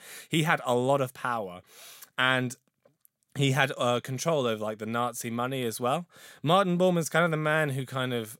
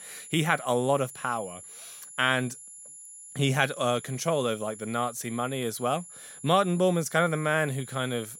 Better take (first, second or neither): first